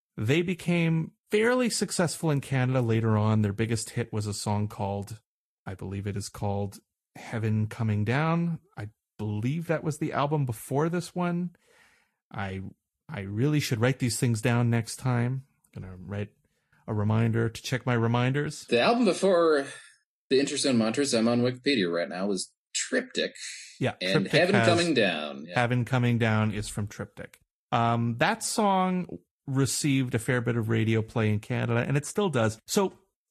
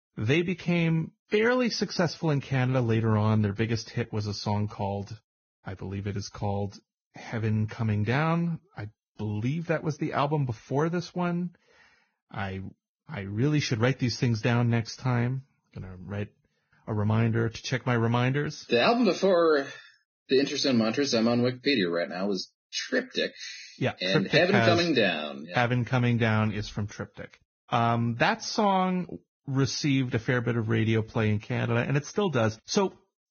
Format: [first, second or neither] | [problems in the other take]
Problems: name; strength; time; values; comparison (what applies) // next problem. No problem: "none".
first | garbled, watery; badly; nothing above 6.5 kHz; slightly in the first